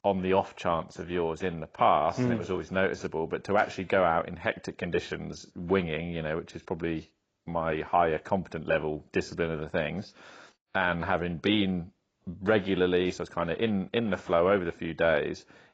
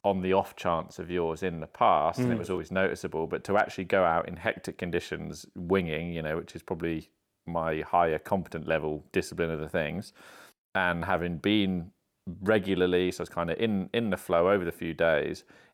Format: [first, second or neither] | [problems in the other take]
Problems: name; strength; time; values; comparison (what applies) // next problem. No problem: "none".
second | garbled, watery; badly; nothing above 7.5 kHz